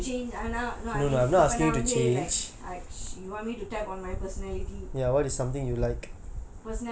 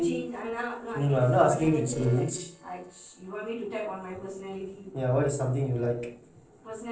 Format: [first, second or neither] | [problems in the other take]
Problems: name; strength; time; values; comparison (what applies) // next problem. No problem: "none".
first | noise reduction (neural separator model SepFormer DNS4)